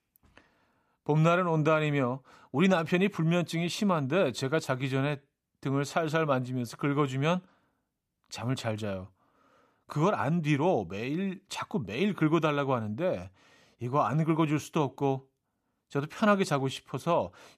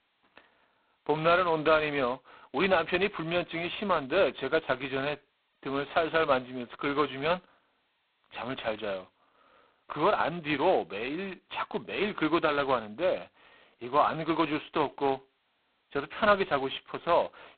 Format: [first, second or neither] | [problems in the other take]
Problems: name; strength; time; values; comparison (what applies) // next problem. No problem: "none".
first | phone-call audio; poor line; nothing above 4 kHz